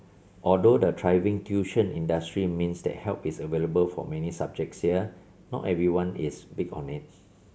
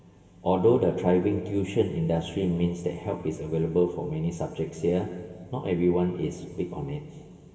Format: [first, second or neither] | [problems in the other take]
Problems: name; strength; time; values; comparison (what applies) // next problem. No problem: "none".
first | room echo; dies away in 2.8 s